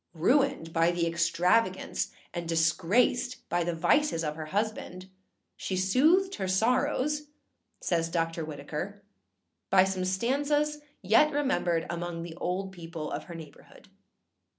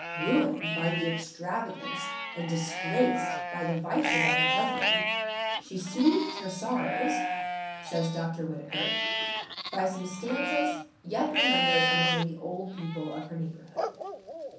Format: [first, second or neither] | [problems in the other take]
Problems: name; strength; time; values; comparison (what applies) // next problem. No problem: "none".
first | background sound (Livestock, farm animals, working animals); as loud as the speech // room echo; dies away in 0.6 s